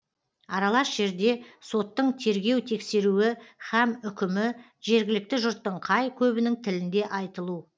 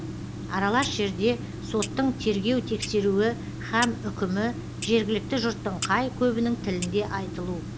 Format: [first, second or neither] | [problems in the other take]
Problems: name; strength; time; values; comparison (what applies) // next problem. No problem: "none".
first | background sound (Clock); 8 dB below the speech